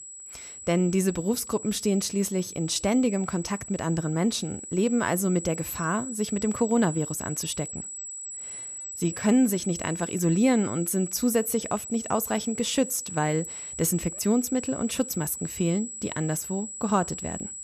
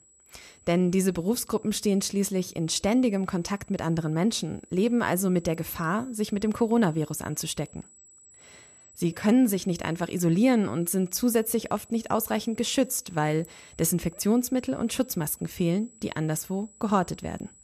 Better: second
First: high-pitched whine; loud; throughout; 8 kHz, 9 dB below the speech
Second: high-pitched whine; faint; throughout; 8 kHz, 25 dB below the speech

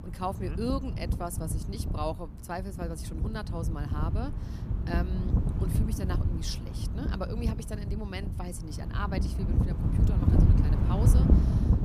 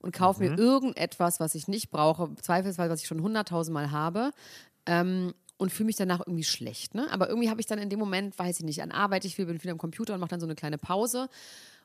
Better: second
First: wind noise on the microphone; heavy; 2 dB below the speech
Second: none

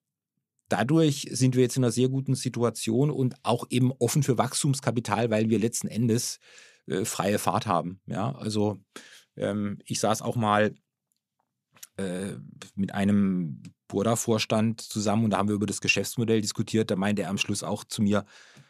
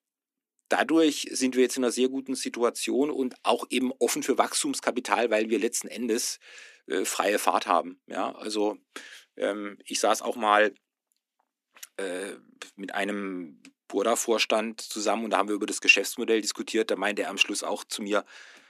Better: first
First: none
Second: thin; somewhat; fading below 250 Hz

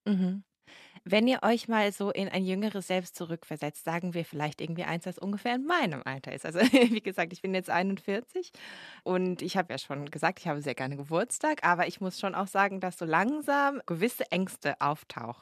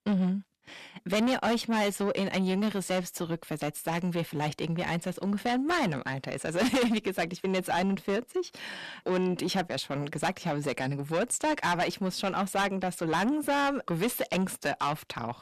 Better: first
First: none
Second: distortion; heavy; 6 dB below the speech

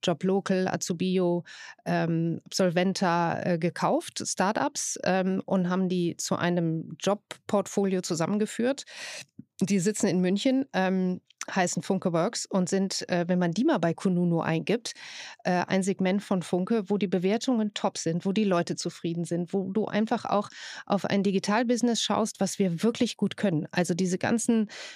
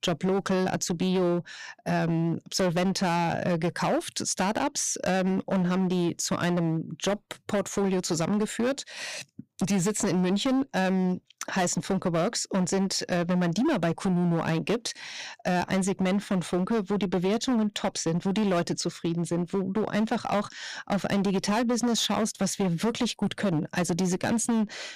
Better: first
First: none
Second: distortion; slight; 15% of the sound clipped

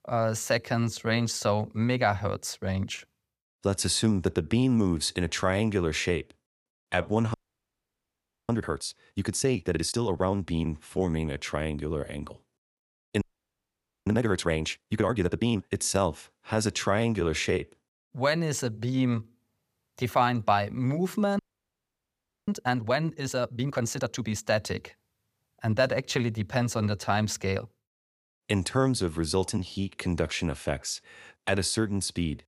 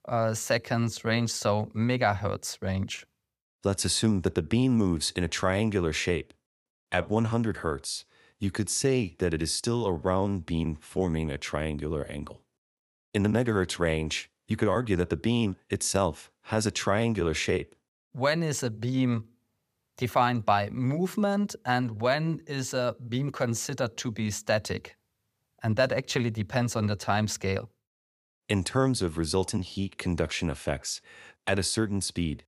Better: second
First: audio freezing; at 7.5 s for 1 s, at 13 s for 1 s and at 21 s for 1 s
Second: none

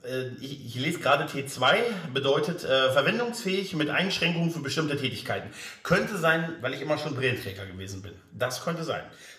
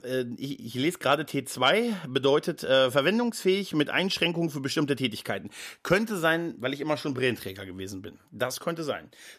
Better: second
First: room echo; very slight; dies away in 0.6 s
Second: none

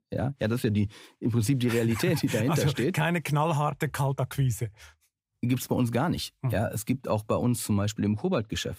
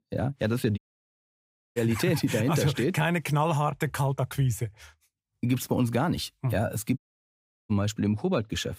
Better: first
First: none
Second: audio cutting out; at 1 s for 1 s and at 7 s for 0.5 s

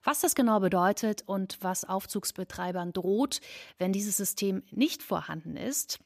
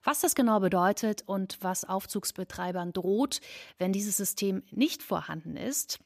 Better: neither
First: none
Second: none

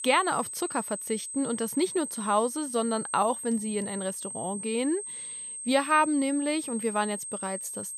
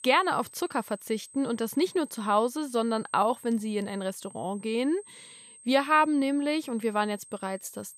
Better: second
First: high-pitched whine; loud; throughout; 8.5 kHz, 6 dB below the speech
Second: high-pitched whine; faint; throughout; 8.5 kHz, 20 dB below the speech

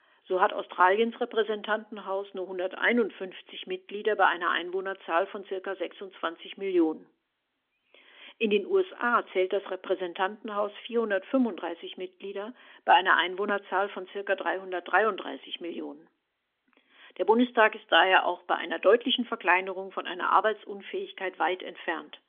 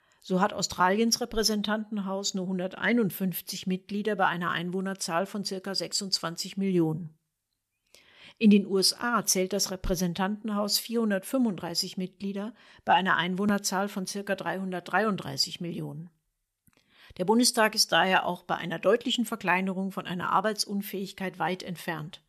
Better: second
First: phone-call audio; nothing above 3.5 kHz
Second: none

